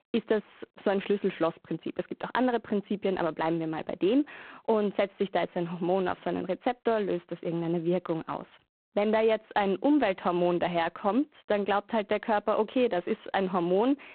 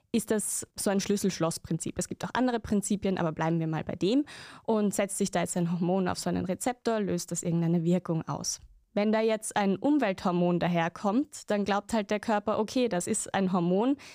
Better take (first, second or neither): second